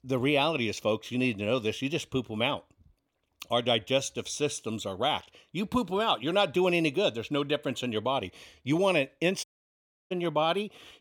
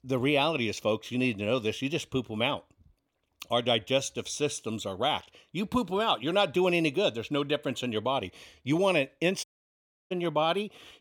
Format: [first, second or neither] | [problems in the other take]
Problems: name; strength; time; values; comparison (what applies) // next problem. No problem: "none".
neither | audio cutting out; at 9.5 s for 0.5 s; the same in both